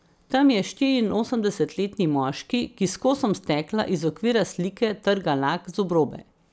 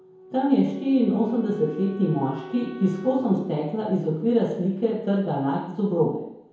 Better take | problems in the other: first | background sound (Wind instrument, woodwind instrument); 20 dB below the speech // room echo; dies away in 0.9 s

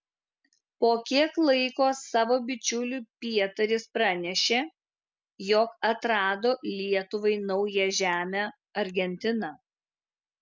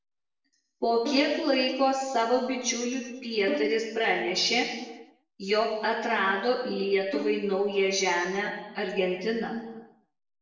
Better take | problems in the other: first | noise reduction (neural separator model SepFormer DNS4)

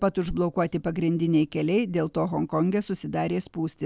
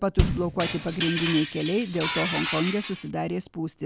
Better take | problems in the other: first | background sound (Glass + Bass drum); 2 dB below the speech

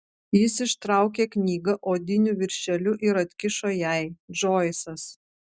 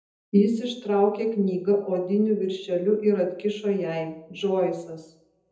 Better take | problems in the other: first | room echo; dies away in 0.7 s

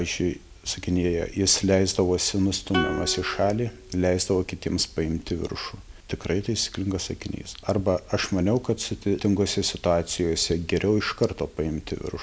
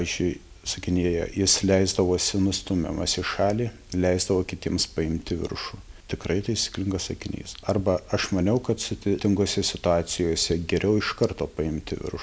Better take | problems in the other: second | background sound (Plucked string instrument); 10 dB below the speech

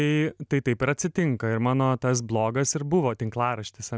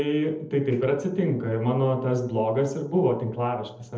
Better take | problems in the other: first | noise reduction (neural separator model SepFormer DNS4)

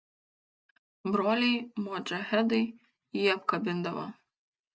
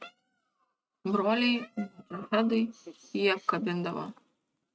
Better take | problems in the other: first | noise reduction (neural mask model RNNoise)

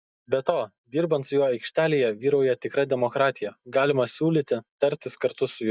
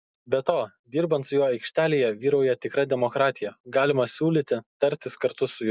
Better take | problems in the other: second | noise reduction (neural mask model DeepFilterNet 3)

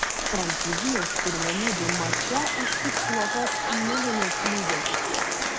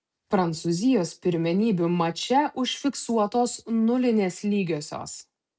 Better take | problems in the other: second | background sound (Applause / Crowd); 5 dB above the speech

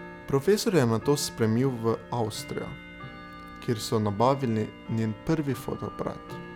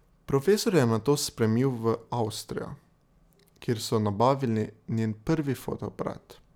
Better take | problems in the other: second | background sound (Tick-tock / Bell); 15 dB below the speech

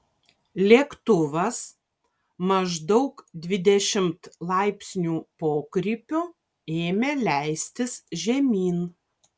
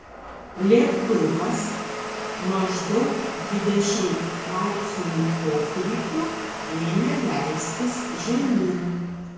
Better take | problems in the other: first | background sound (Domestic sounds, home sounds); 7 dB below the speech // room echo; dies away in 1 s

